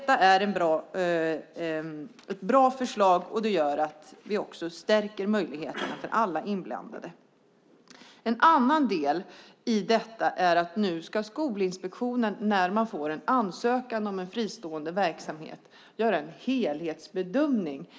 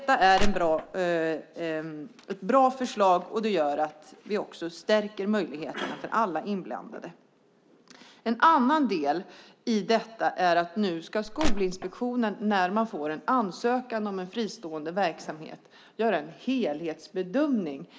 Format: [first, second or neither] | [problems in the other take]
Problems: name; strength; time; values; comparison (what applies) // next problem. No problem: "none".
first | background sound (Crushing); 2 dB above the speech